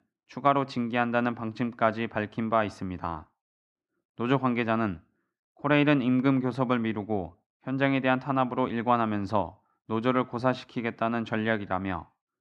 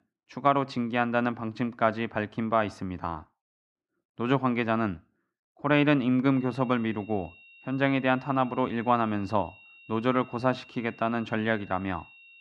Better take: first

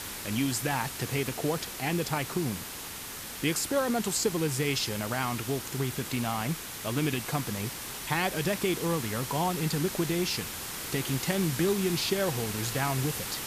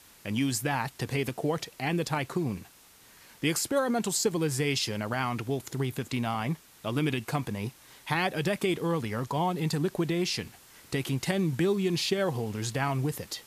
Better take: second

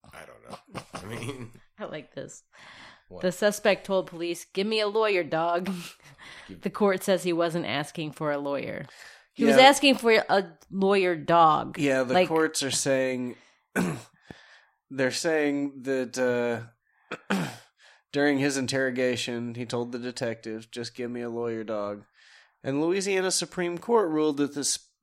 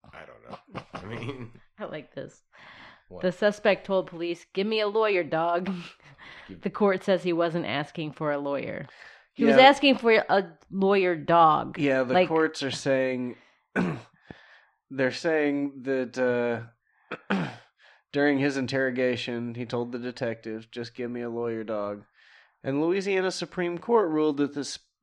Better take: first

